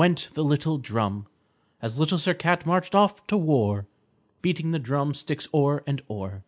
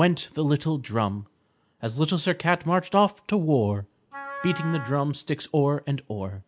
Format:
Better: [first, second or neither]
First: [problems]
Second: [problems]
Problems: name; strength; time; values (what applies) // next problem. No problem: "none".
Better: first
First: none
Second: background sound (Wind instrument, woodwind instrument); 13 dB below the speech